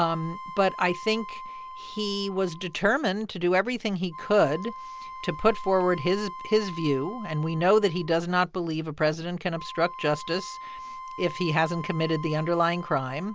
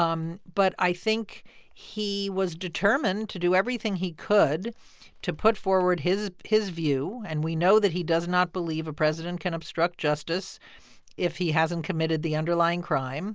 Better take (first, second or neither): second